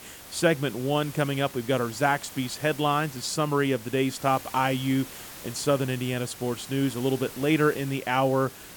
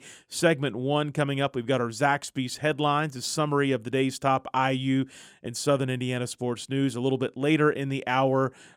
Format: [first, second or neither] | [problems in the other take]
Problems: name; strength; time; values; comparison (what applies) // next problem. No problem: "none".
second | hiss; noticeable; throughout; 15 dB below the speech